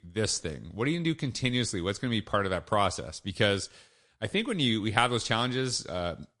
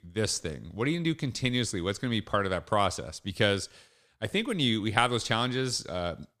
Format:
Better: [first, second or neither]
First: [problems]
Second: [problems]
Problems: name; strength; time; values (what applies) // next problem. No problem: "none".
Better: second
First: garbled, watery; slightly; nothing above 10 kHz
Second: none